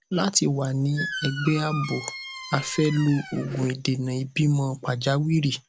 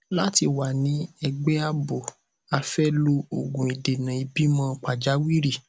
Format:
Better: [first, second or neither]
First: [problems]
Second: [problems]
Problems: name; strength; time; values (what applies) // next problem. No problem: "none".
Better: second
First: background sound (Squeak); 11 dB below the speech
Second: none